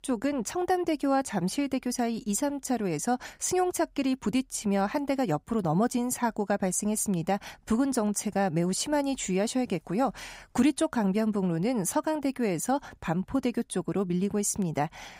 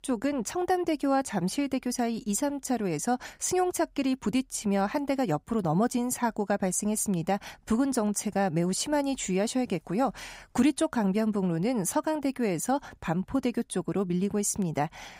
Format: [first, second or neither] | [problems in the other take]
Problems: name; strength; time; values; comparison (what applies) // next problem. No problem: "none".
neither | none